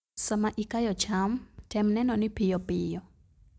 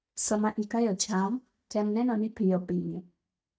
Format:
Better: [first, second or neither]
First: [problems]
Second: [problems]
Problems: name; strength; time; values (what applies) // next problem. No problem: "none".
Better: first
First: none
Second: noise reduction (neural mask model DeepFilterNet 3)